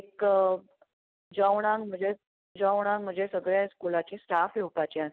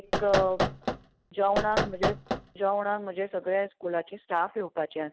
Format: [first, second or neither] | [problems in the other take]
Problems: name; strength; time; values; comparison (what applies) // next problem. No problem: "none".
first | background sound (Knock); 1 dB below the speech